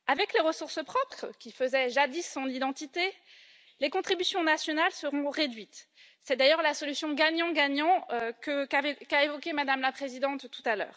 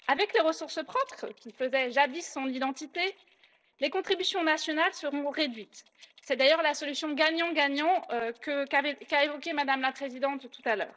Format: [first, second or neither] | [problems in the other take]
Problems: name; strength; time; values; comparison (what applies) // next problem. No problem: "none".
first | noise reduction (neural separator model SepFormer DNS4)